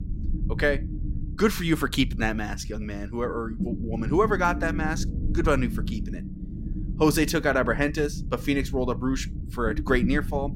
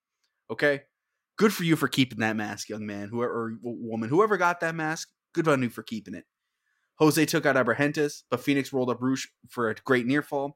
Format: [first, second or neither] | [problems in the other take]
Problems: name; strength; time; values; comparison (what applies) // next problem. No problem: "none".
second | low rumble; noticeable; throughout; 15 dB below the speech